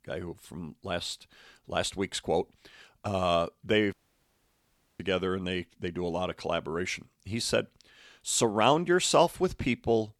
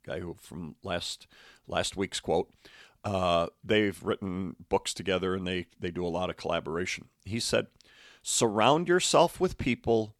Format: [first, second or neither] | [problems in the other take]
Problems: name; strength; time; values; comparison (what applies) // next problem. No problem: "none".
second | audio cutting out; at 4 s for 1 s